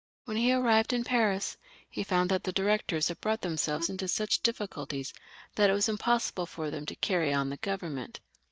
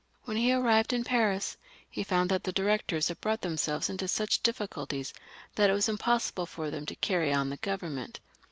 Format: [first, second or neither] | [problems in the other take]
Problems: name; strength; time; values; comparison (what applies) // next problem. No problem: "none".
second | noise reduction (neural mask model DeepFilterNet 3)